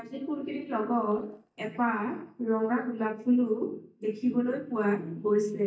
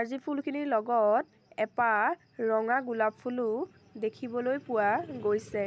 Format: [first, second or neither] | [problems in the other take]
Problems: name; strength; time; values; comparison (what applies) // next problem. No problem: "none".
second | noise reduction (neural mask model DeepFilterNet 3)